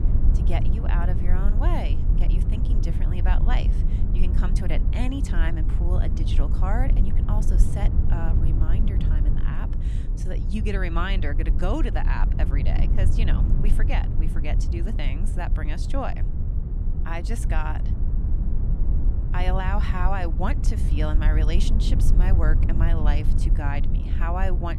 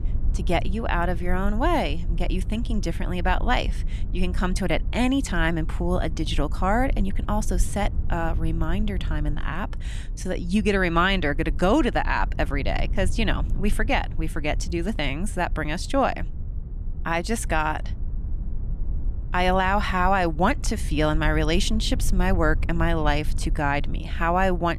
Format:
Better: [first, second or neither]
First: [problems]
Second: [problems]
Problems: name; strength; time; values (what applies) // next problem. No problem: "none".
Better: second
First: low rumble; loud; throughout; 6 dB below the speech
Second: low rumble; faint; throughout; 20 dB below the speech